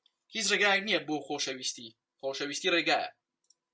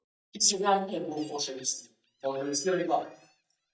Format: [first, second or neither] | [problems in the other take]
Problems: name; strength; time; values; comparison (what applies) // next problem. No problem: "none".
first | noise reduction (neural mask model DeepFilterNet 3)